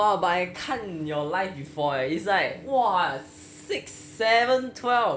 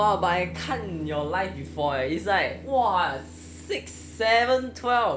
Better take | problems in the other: first | background sound (Guitar); 15 dB below the speech

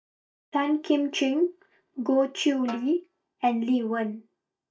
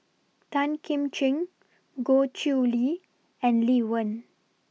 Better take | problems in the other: second | noise reduction (neural mask model DeepFilterNet 3)

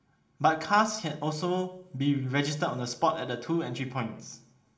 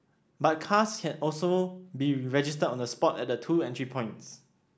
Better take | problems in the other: second | room echo; dies away in 0.9 s

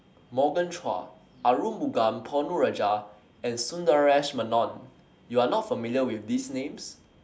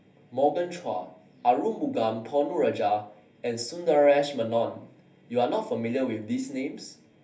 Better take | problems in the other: first | room echo; dies away in 0.3 s

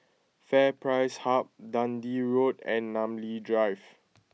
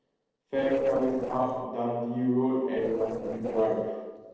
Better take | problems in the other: first | noise reduction (neural separator model SepFormer DNS4)

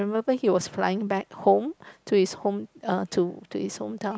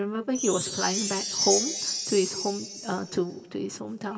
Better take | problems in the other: first | background sound (Chime); 2 dB below the speech // room echo; dies away in 1.3 s

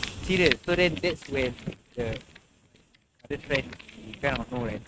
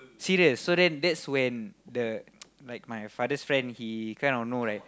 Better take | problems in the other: second | noise reduction (neural mask model RNNoise)

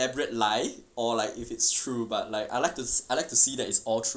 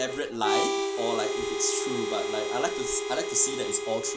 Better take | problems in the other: first | background sound (Harmonica); as loud as the speech

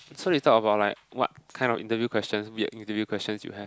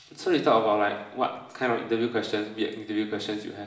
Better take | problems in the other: first | room echo; dies away in 0.8 s

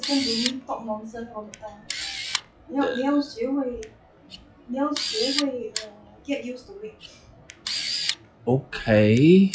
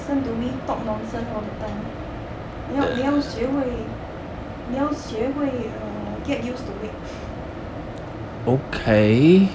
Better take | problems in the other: second | noise reduction (classical method log-MMSE)

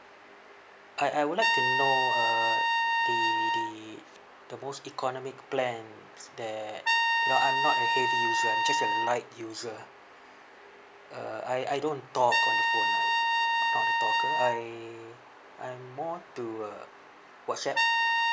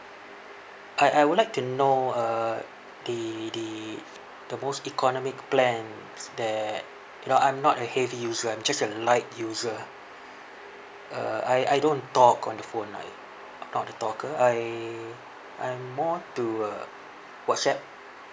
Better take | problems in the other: second | background sound (Trumpet); 5 dB above the speech

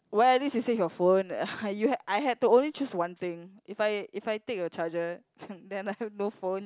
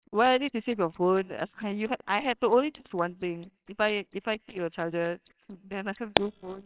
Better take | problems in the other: first | noise reduction (neural separator model SepFormer WHAMR!)

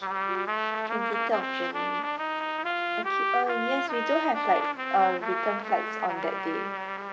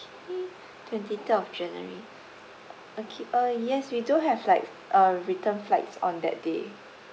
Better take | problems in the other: second | background sound (Trumpet); 1 dB above the speech

